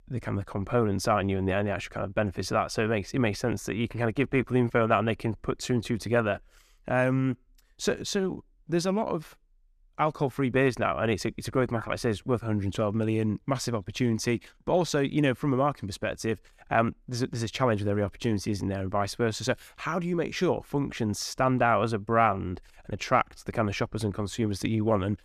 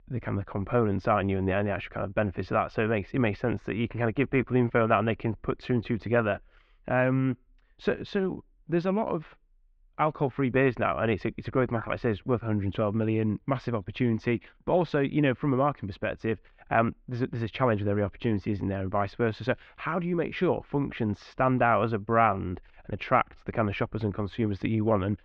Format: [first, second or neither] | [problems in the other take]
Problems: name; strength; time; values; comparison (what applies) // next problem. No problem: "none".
first | muffled; very; fading above 3 kHz